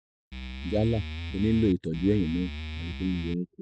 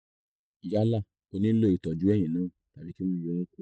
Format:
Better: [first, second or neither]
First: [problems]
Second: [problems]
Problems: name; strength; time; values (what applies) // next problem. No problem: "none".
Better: second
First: background sound (Musical instrument); 7 dB below the speech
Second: none